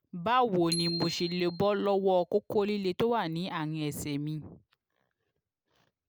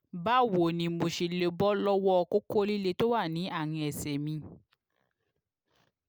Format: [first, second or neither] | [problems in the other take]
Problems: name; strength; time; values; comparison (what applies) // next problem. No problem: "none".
second | background sound (Bicycle bell); 11 dB below the speech